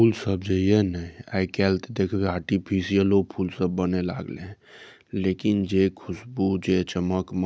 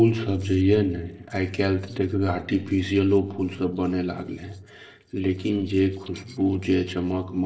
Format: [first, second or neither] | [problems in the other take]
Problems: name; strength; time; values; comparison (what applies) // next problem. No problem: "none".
first | noise reduction (neural separator model SepFormer DNS4)